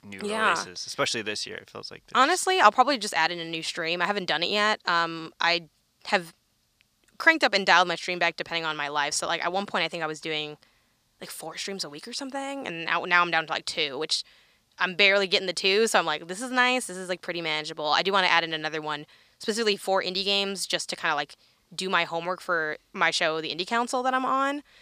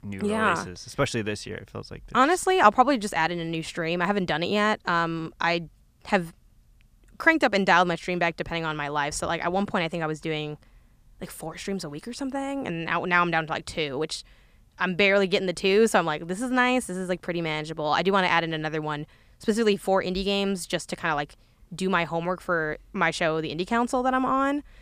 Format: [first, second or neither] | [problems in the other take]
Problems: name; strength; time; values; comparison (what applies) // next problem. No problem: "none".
second | thin; very slightly; fading below 550 Hz